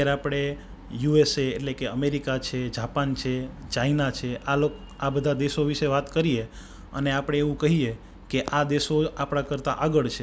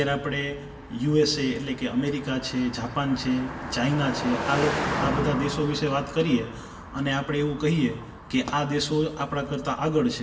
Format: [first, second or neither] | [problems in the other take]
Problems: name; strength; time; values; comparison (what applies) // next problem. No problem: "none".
first | background sound (Car passing by); 9 dB below the speech // room echo; dies away in 0.9 s